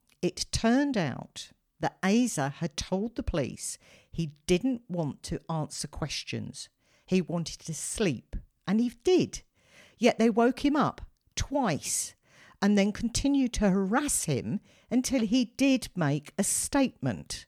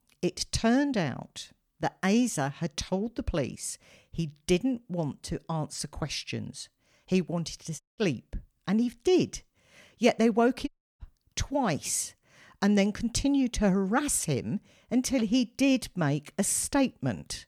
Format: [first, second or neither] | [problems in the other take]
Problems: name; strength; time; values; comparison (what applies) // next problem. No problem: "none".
first | audio cutting out; at 8 s and at 11 s